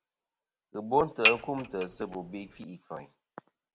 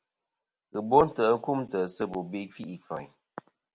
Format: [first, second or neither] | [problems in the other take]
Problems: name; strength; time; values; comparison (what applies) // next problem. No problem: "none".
second | background sound (Dishes, pots, and pans / Chink, clink); 2 dB above the speech